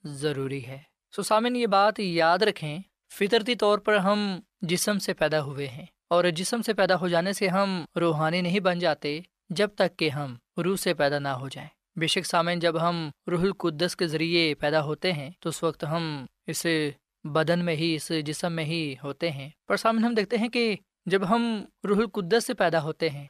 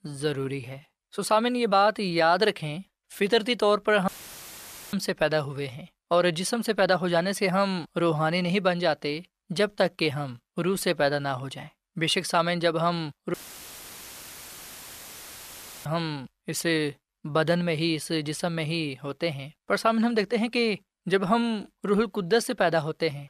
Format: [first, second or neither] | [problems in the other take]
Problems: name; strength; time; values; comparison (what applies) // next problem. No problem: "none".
first | audio cutting out; filled with static; at 4 s for 1 s and at 13 s for 2.5 s